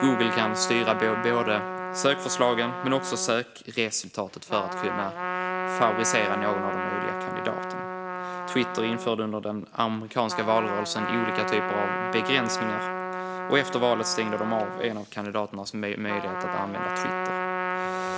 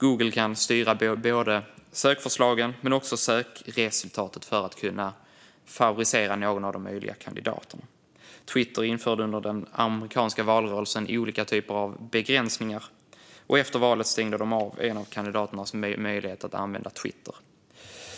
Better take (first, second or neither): second